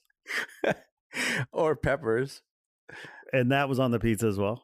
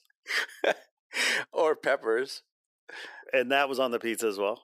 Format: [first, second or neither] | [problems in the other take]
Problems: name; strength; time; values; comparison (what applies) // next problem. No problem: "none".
first | thin; somewhat; fading below 350 Hz